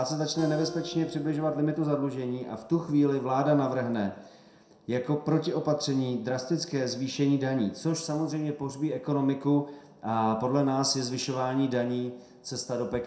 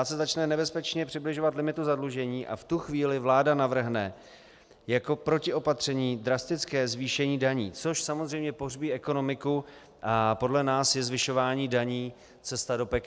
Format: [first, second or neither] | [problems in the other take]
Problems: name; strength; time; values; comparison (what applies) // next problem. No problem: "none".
second | background sound (Acoustic guitar); 17 dB below the speech // room echo; dies away in 0.5 s